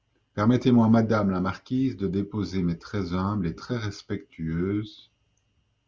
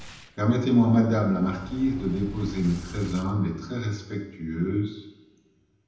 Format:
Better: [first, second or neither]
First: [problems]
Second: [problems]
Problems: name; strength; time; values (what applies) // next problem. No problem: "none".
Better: first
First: none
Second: background sound (Boom); 18 dB below the speech // room echo; dies away in 0.8 s